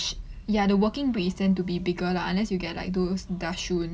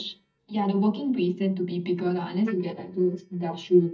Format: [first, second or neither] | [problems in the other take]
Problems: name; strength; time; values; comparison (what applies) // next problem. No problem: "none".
first | noise reduction (neural mask model DeepFilterNet 3)